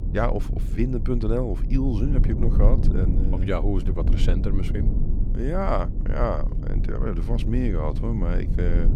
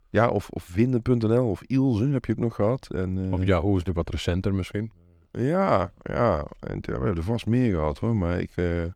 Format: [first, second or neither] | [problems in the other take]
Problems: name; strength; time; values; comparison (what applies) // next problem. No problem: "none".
second | low rumble; loud; throughout; 9 dB below the speech